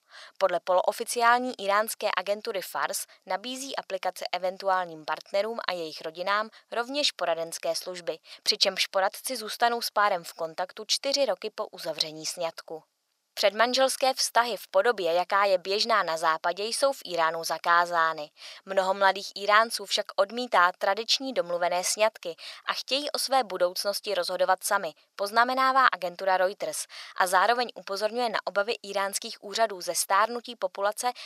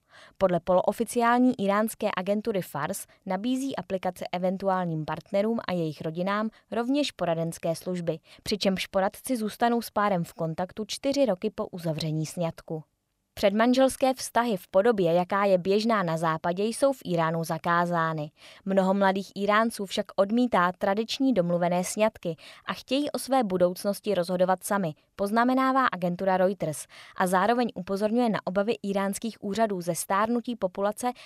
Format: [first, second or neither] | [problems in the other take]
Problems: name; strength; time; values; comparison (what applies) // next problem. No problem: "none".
second | thin; very; fading below 600 Hz